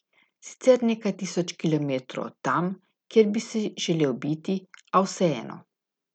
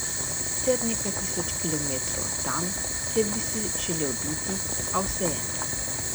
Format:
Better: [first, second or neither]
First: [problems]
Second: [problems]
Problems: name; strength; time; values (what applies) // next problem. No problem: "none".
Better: first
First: none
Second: background sound (Boiling); 4 dB above the speech